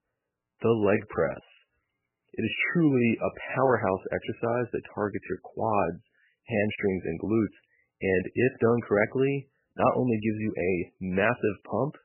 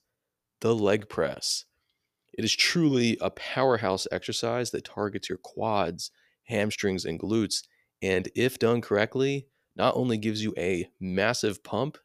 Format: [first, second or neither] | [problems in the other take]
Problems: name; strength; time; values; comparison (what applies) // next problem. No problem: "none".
second | garbled, watery; badly; nothing above 3 kHz